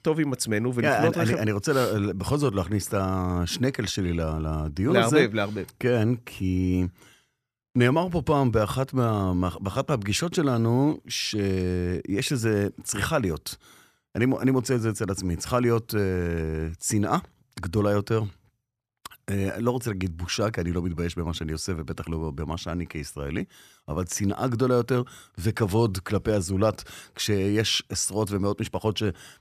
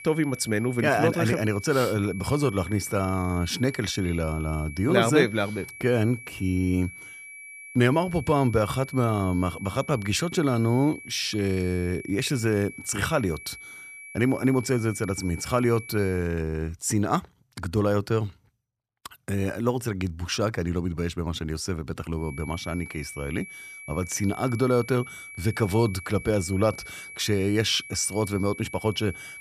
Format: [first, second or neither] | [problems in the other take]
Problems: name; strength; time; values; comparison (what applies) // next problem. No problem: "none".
first | high-pitched whine; noticeable; until 16 s and from 22 s on; 2.5 kHz, 15 dB below the speech